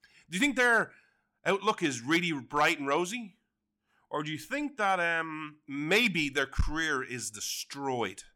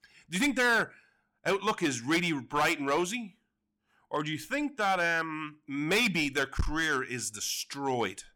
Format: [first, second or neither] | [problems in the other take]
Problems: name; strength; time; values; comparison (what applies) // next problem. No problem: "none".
first | distortion; slight; 6% of the sound clipped